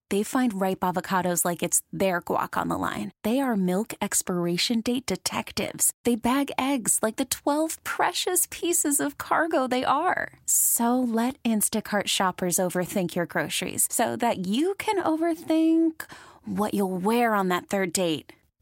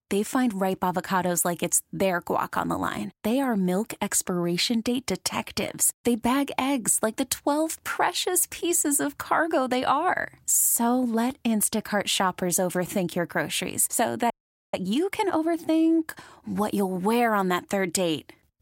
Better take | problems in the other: first | audio freezing; at 14 s

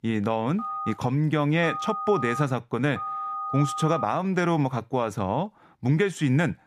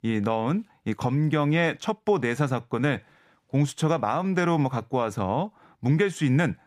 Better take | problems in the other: second | phone ringing; noticeable; from 0.5 to 4 s; peak 5 dB below the speech

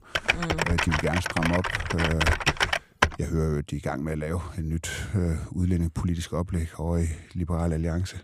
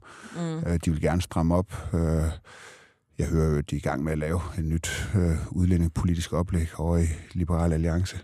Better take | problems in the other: second | keyboard typing; loud; until 3 s; peak 5 dB above the speech

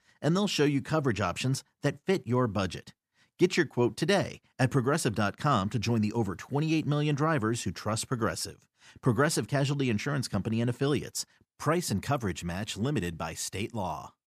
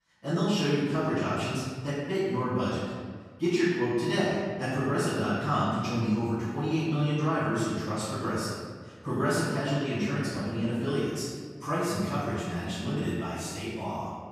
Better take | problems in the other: first | off-mic speech; far // room echo; strong; dies away in 1.5 s

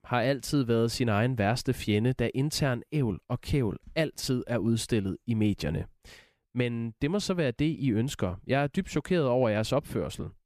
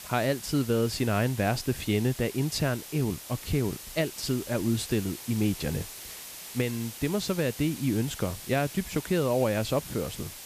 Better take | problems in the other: first | hiss; noticeable; throughout; 10 dB below the speech

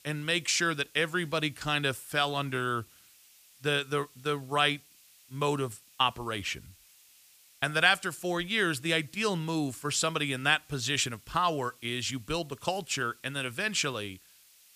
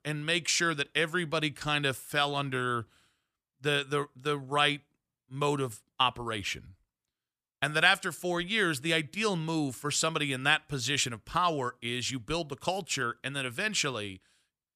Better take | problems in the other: second | hiss; faint; throughout; 25 dB below the speech

